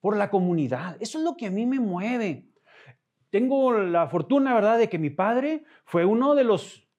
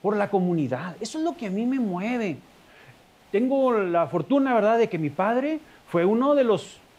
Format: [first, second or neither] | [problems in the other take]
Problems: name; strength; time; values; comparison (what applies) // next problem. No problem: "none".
first | hiss; faint; throughout; 30 dB below the speech